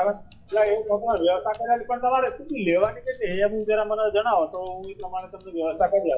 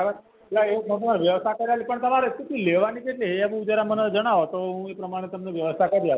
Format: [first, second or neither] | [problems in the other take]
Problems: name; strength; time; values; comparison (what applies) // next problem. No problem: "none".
second | noise reduction (classical method WPE with log-MMSE)